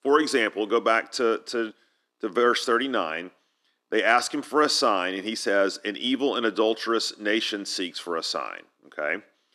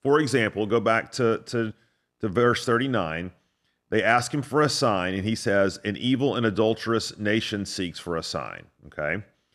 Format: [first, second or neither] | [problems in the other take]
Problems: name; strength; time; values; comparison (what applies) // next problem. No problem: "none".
second | thin; very slightly; fading below 300 Hz